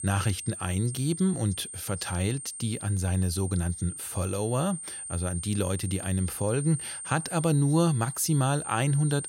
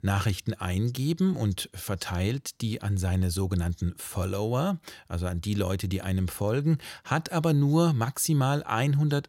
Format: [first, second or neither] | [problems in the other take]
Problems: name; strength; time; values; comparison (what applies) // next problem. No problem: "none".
second | high-pitched whine; loud; throughout; 8.5 kHz, 8 dB below the speech